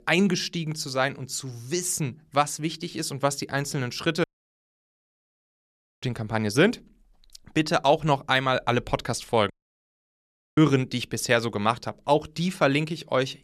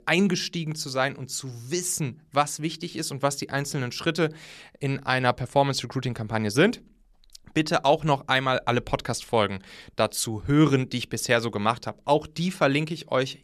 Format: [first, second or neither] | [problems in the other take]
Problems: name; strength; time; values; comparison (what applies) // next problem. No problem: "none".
second | audio cutting out; at 4 s for 2 s and at 9.5 s for 1 s